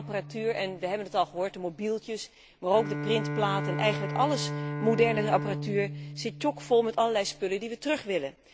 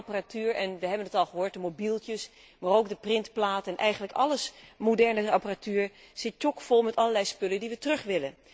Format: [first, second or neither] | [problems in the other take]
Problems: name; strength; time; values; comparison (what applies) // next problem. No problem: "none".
second | background sound (Bowed string instrument); 7 dB below the speech